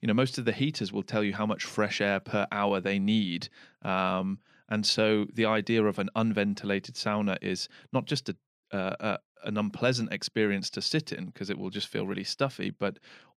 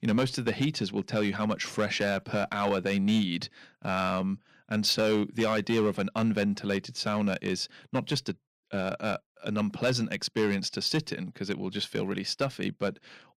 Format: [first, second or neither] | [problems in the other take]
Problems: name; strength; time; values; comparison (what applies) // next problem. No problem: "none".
first | distortion; slight; 4% of the sound clipped